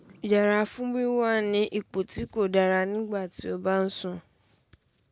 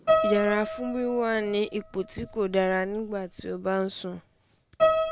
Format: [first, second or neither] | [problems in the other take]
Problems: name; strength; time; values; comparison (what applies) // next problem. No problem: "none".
first | background sound (Piano); 2 dB below the speech